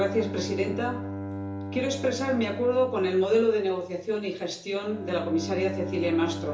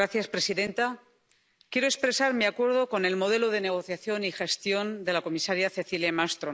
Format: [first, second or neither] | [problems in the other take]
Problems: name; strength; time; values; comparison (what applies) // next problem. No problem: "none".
second | background sound (Bowed string instrument); 9 dB below the speech // room echo; dies away in 0.7 s